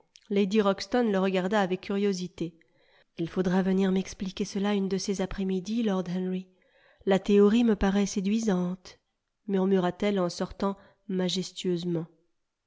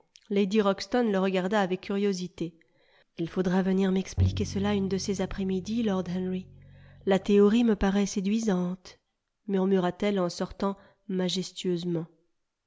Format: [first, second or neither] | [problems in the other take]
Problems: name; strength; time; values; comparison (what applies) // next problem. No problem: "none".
first | background sound (Bowed string instrument); 7 dB below the speech